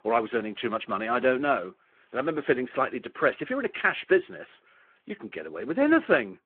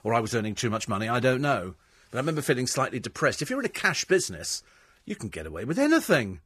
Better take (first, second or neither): second